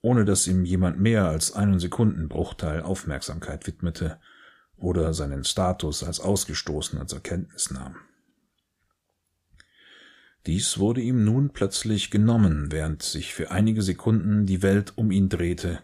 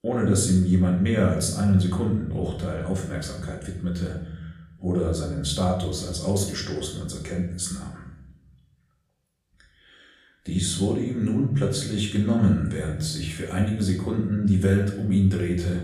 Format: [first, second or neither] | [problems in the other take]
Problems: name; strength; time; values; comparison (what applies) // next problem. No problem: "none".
first | room echo; noticeable; dies away in 0.8 s // off-mic speech; far